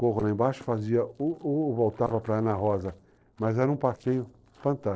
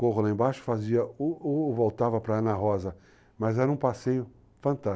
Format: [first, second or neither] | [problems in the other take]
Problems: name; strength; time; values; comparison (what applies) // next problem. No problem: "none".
second | noise reduction (neural separator model SepFormer DNS4)